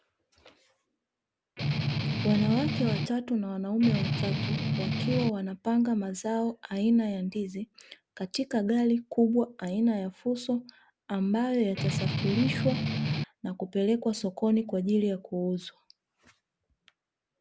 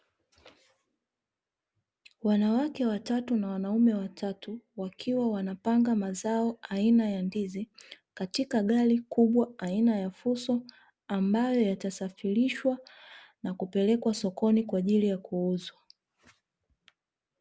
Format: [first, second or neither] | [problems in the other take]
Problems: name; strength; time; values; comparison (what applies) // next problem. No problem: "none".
second | background sound (Strum); 1 dB above the speech